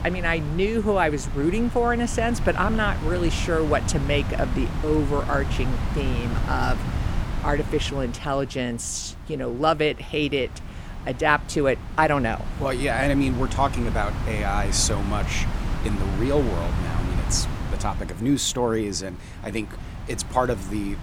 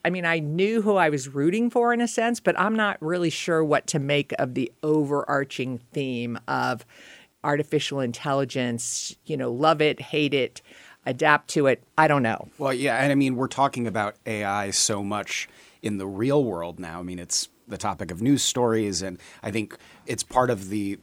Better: second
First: wind noise on the microphone; occasional gusts; 10 dB below the speech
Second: none

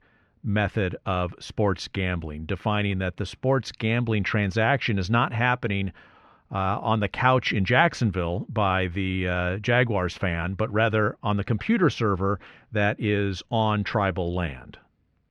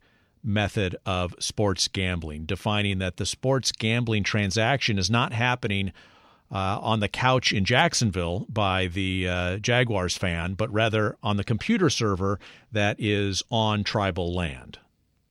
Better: second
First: muffled; slightly; fading above 4 kHz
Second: none

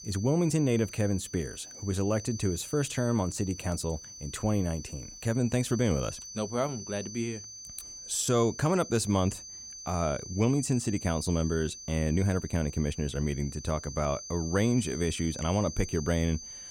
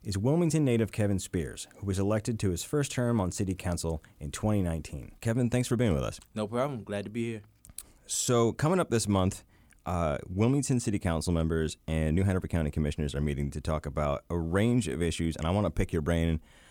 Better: second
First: high-pitched whine; noticeable; throughout; 6 kHz, 10 dB below the speech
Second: none

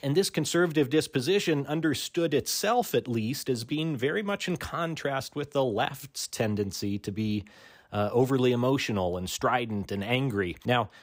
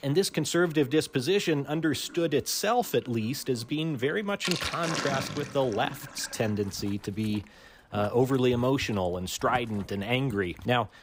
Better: first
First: none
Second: household noises; loud; throughout; 10 dB below the speech

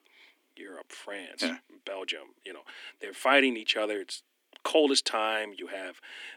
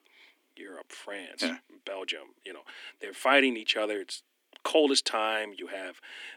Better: neither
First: thin; somewhat; fading below 250 Hz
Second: thin; somewhat; fading below 250 Hz

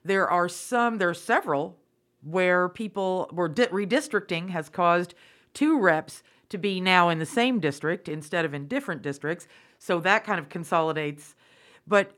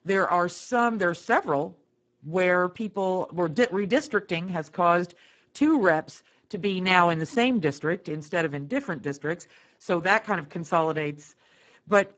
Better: first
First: none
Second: garbled, watery; badly; nothing above 7.5 kHz

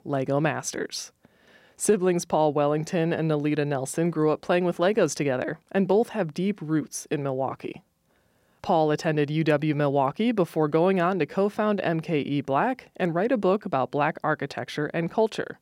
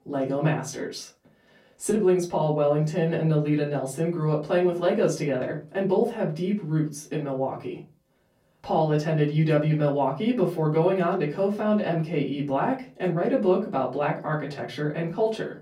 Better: first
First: none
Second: off-mic speech; far // room echo; very slight; dies away in 0.3 s

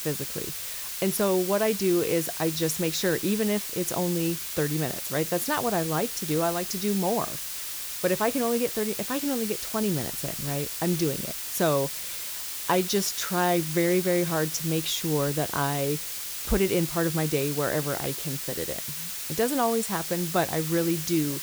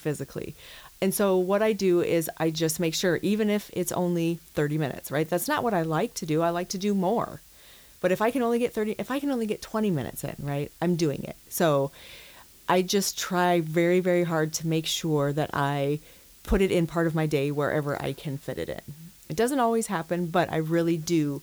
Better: second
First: hiss; loud; throughout; 4 dB below the speech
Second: hiss; faint; throughout; 25 dB below the speech

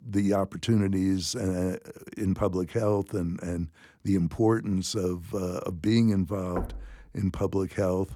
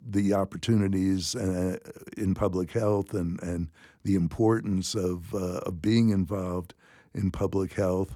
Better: second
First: door banging; noticeable; at 6.5 s; peak 9 dB below the speech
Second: none

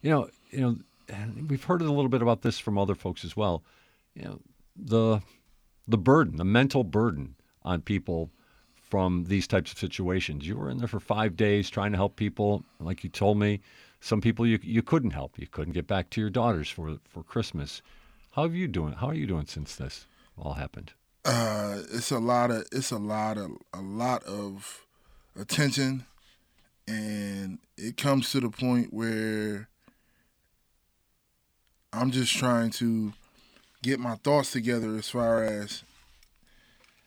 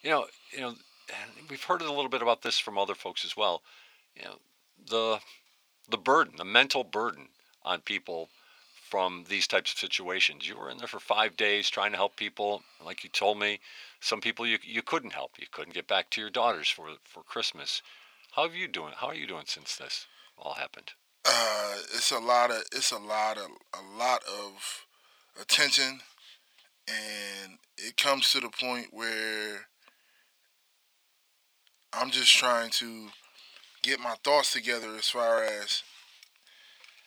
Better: first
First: none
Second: thin; very; fading below 700 Hz

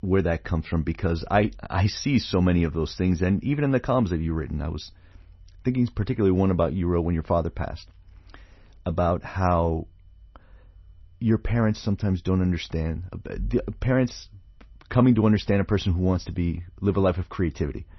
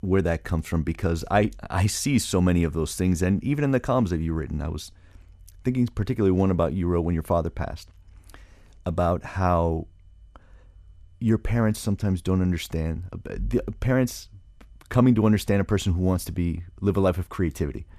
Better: second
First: garbled, watery; slightly; nothing above 6 kHz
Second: none

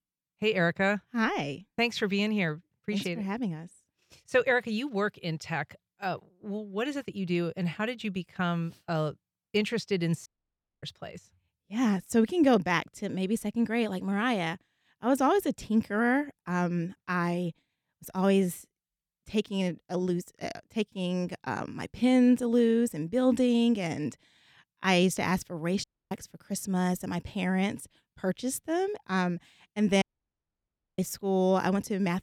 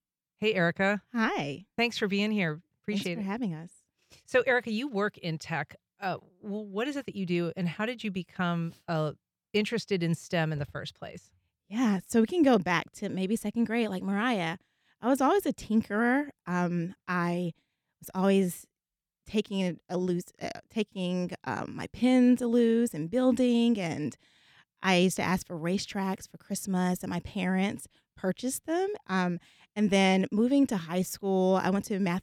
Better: second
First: audio cutting out; at 10 s for 0.5 s, at 26 s and at 30 s for 1 s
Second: none

